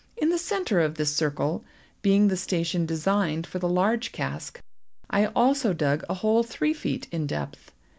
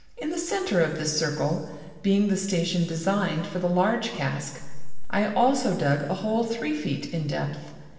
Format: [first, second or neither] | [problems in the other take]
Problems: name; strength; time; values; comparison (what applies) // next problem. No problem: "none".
first | room echo; dies away in 1.4 s